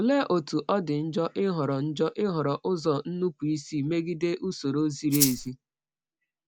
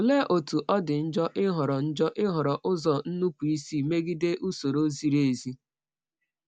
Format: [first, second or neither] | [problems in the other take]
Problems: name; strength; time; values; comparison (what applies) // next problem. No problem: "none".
second | background sound (Rattle (instrument)); as loud as the speech